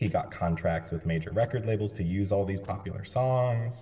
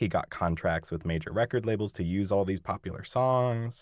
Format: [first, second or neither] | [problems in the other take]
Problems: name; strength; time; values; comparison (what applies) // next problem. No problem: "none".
second | noise reduction (neural separator model SepFormer DNS4)